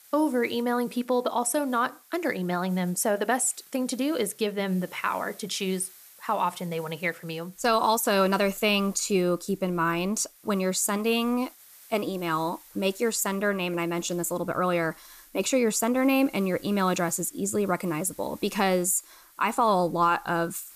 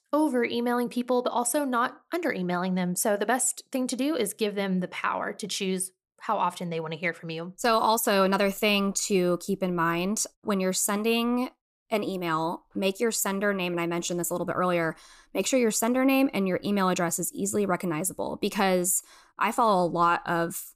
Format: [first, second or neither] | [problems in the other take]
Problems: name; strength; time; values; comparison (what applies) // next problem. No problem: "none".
second | hiss; faint; throughout; 25 dB below the speech